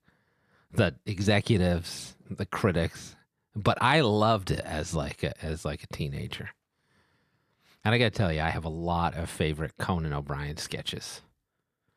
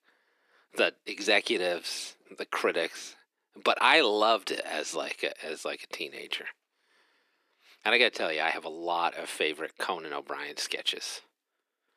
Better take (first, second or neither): first